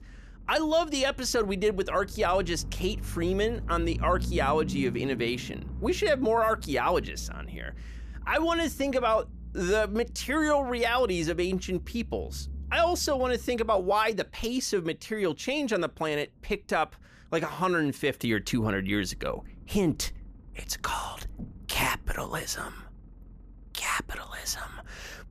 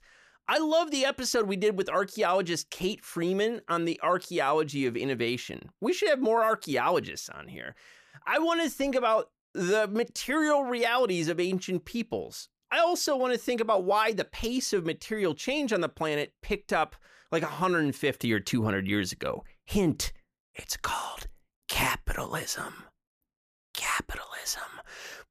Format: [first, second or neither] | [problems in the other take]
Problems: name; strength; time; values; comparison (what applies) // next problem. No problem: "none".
second | low rumble; faint; throughout; 25 dB below the speech